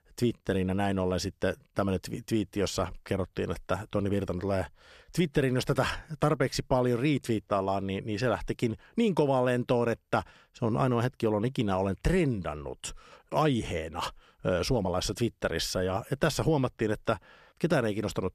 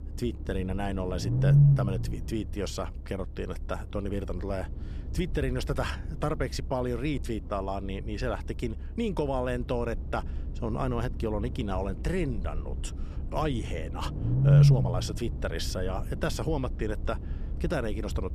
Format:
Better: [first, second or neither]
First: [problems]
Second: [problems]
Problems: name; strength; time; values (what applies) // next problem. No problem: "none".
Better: first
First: none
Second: low rumble; loud; throughout; 6 dB below the speech